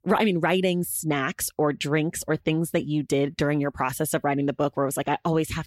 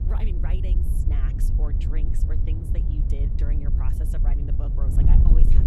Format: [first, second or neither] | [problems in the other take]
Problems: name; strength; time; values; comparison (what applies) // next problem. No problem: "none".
first | wind noise on the microphone; heavy; 3 dB above the speech